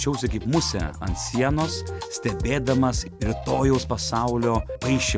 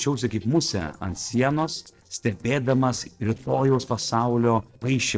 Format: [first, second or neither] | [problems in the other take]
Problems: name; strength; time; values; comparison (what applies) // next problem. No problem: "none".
first | noise reduction (neural separator model SepFormer DNS4)